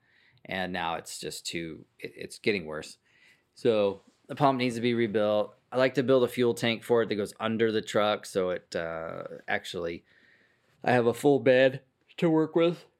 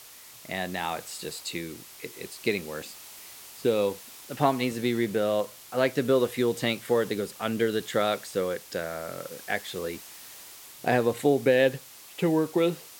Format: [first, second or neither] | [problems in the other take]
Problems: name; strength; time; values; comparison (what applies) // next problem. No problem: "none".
first | hiss; noticeable; throughout; 15 dB below the speech